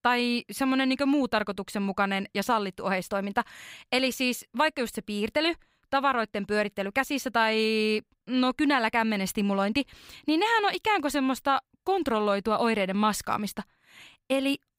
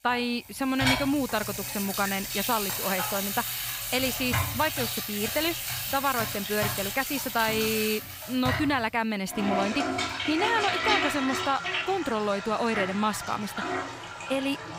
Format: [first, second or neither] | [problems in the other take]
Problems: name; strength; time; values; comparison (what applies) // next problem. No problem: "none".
first | household noises; loud; throughout; 1 dB below the speech